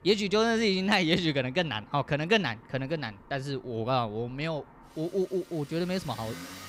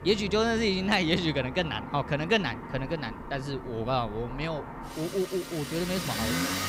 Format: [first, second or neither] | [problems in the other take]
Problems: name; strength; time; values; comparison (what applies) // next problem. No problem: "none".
first | traffic noise; loud; throughout; 8 dB below the speech; faint in the first